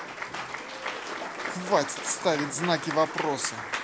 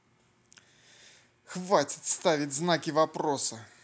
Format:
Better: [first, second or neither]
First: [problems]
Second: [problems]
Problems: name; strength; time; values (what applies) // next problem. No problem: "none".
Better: second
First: background sound (Applause / Cheering); 5 dB below the speech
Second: none